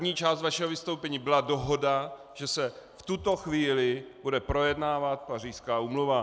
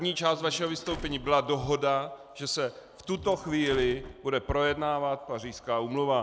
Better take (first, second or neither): first